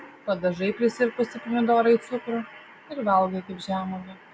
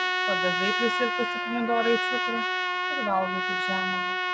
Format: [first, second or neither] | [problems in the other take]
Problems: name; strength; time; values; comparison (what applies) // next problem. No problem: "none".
first | background sound (Trumpet); 3 dB above the speech